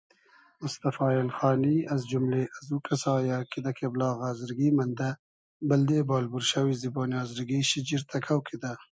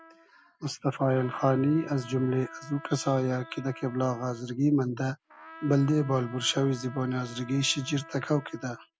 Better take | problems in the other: first | background sound (Trumpet); 20 dB below the speech

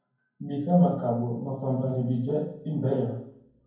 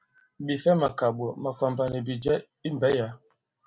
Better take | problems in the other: second | room echo; dies away in 0.9 s

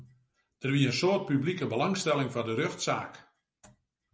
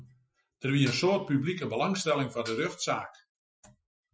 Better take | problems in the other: first | noise reduction (classical method Wiener filter)

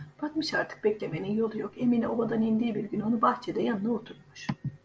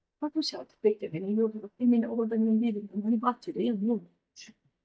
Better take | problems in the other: first | noise reduction (neural mask model DeepFilterNet 3)

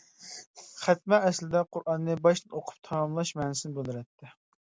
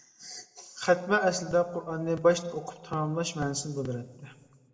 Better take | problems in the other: first | room echo; dies away in 1.2 s

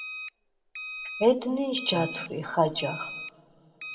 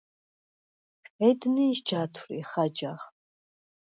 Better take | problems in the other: second | background sound (Alarm); 11 dB below the speech // room echo; dies away in 1.3 s

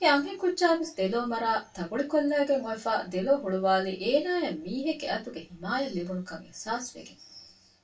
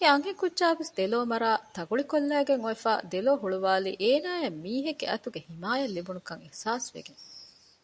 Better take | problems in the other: second | room echo; dies away in 0.2 s

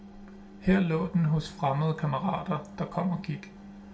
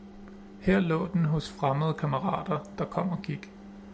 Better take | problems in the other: second | room echo; dies away in 0.3 s

